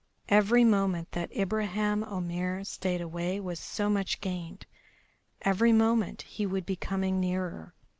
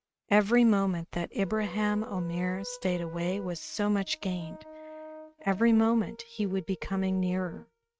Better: first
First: none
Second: noise reduction (neural mask model RNNoise)

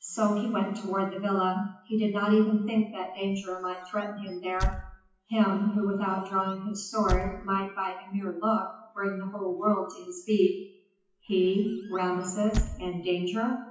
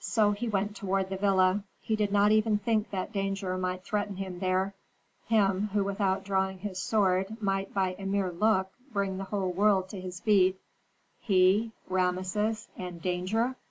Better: second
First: noise reduction (classical method WPE with log-MMSE)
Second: none

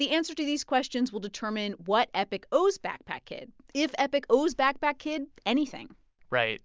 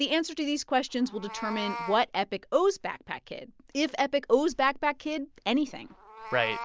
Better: first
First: none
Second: background sound (Meow); 15 dB below the speech

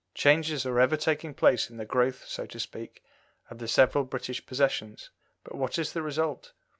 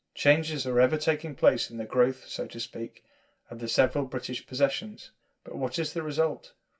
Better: first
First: none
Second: room echo; dies away in 0.2 s

